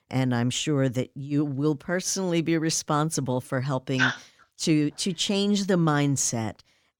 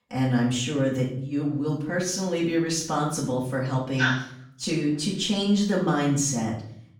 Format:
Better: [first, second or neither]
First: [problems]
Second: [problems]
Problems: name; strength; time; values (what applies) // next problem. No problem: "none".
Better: first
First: none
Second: off-mic speech; far // room echo; noticeable; dies away in 0.6 s